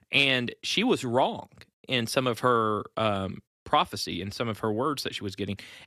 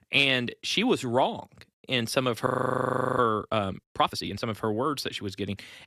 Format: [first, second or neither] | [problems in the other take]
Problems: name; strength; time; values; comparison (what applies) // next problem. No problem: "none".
first | audio freezing; at 2.5 s for 0.5 s